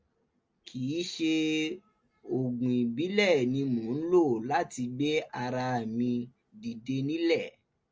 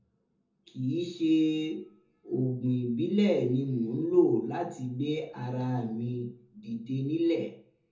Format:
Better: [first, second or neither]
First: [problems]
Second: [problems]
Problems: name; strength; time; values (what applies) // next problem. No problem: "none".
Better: first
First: none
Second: room echo; dies away in 0.6 s